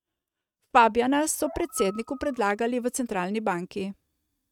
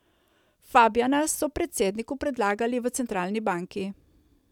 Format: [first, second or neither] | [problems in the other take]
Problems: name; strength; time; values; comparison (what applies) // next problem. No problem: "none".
second | noise reduction (neural mask model RNNoise)